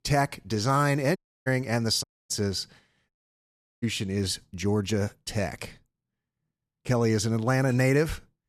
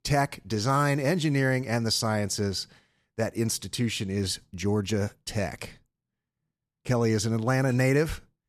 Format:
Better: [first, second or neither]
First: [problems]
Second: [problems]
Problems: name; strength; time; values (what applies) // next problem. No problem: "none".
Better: second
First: audio cutting out; at 1 s, at 2 s and at 3 s for 0.5 s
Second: none